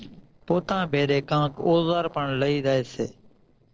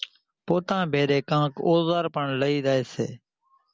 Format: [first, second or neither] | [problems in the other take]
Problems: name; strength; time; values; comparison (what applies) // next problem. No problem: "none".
second | noise reduction (neural separator model SepFormer DNS4)